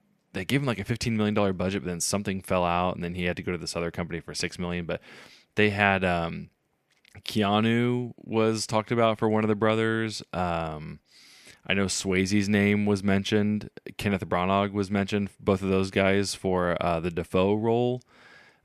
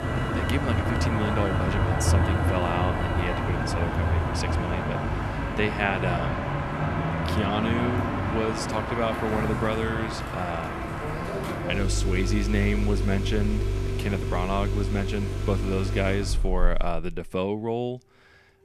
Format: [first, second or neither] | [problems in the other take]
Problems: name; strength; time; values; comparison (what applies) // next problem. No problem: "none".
first | traffic noise; very loud; throughout; 2 dB above the speech